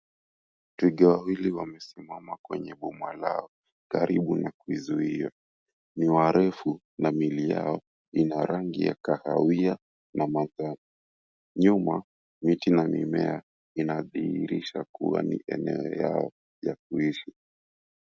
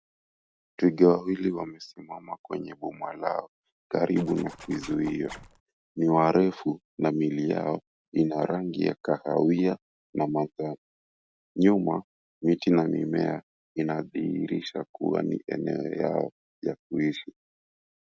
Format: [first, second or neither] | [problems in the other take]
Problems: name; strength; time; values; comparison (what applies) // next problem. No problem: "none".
first | background sound (Zipper (clothing)); 17 dB below the speech